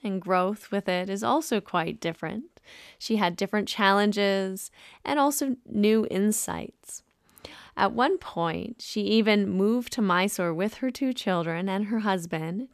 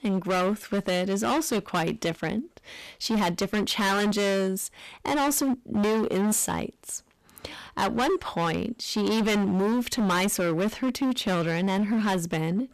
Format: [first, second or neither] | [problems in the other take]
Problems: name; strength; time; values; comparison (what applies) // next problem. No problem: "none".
first | distortion; heavy; 20% of the sound clipped